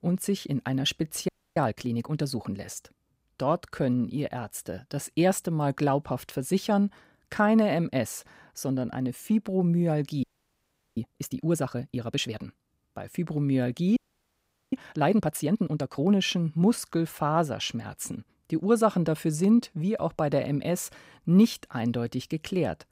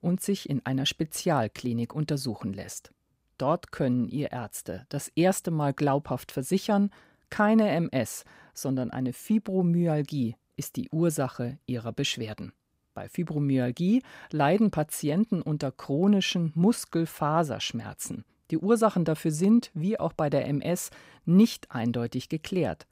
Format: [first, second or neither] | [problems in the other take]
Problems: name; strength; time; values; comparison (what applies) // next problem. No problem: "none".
second | audio freezing; at 1.5 s, at 10 s for 0.5 s and at 14 s for 1 s